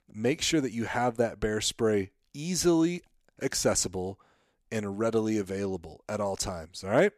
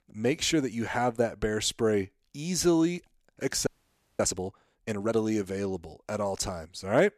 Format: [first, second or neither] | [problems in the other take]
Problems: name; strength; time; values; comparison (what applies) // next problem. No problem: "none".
first | audio freezing; at 3.5 s for 0.5 s